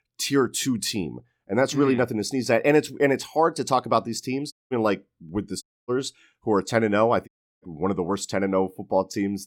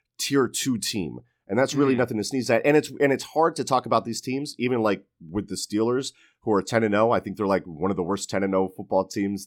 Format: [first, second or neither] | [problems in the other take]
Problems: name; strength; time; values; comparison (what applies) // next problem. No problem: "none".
second | audio cutting out; at 4.5 s, at 5.5 s and at 7.5 s